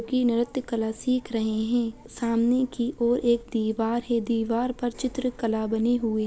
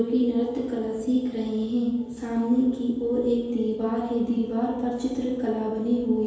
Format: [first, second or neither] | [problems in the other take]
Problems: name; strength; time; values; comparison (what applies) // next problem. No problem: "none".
first | room echo; dies away in 1.2 s